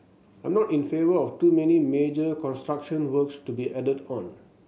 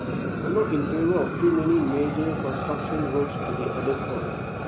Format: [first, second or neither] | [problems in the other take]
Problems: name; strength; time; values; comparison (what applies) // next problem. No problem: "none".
first | background sound (Fire); 3 dB below the speech